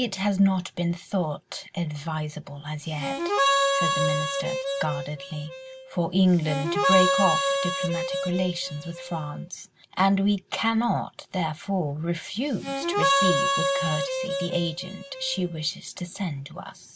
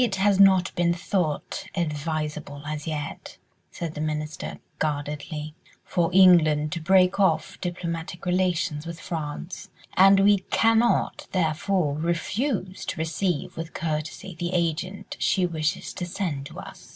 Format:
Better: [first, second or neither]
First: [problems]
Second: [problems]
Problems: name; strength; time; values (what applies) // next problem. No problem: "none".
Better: second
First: background sound (Harmonica); 1 dB above the speech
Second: none